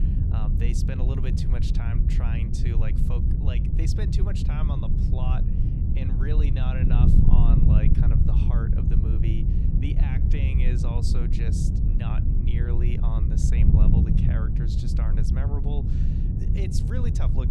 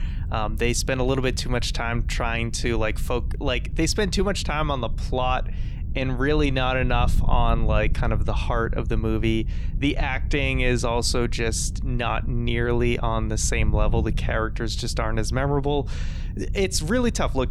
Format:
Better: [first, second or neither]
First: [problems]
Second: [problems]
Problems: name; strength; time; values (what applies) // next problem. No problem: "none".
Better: second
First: wind noise on the microphone; heavy; 3 dB above the speech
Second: wind noise on the microphone; occasional gusts; 20 dB below the speech